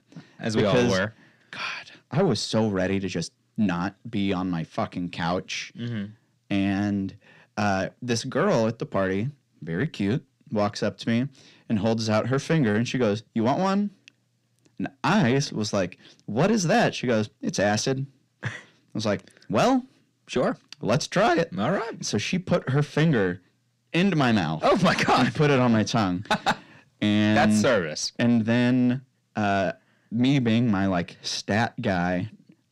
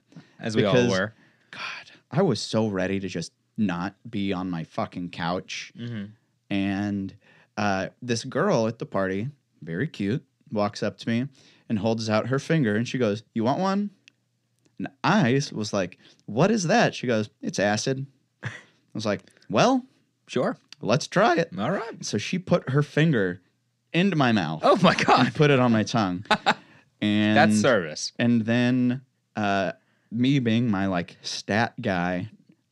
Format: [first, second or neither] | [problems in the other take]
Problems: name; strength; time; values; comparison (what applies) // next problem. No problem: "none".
second | distortion; slight; 10 dB below the speech